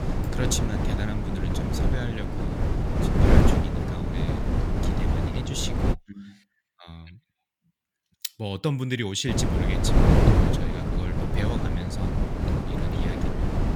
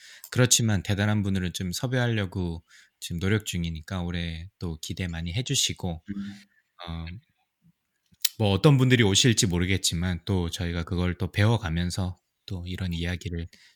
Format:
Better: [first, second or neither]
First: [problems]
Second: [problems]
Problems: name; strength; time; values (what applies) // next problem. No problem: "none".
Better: second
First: wind noise on the microphone; heavy; until 6 s and from 9.5 s on; 3 dB above the speech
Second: none